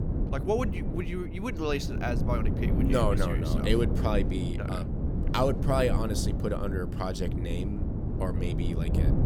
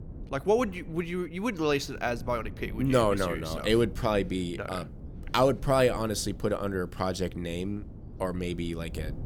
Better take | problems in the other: second | wind noise on the microphone; heavy; 7 dB below the speech; occasional gusts in the second

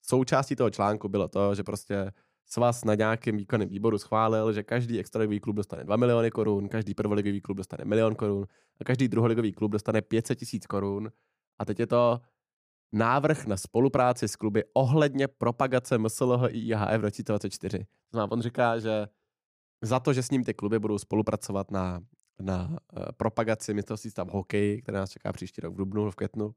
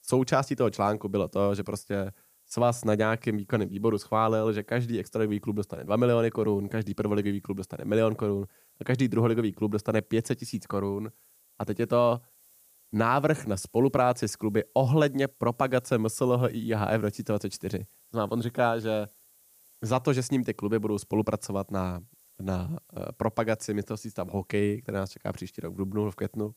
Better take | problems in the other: first | hiss; faint; throughout; 30 dB below the speech

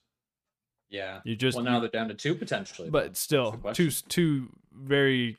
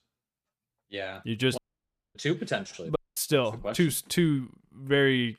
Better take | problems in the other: first | audio cutting out; at 1.5 s for 0.5 s and at 3 s

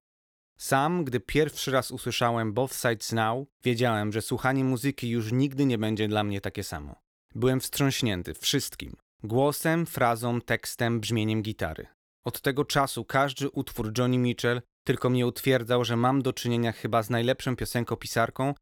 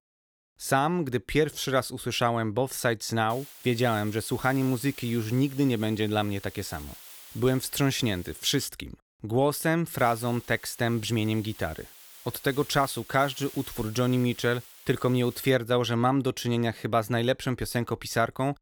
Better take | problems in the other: first | hiss; noticeable; from 3.5 to 8.5 s and from 10 to 16 s; 20 dB below the speech

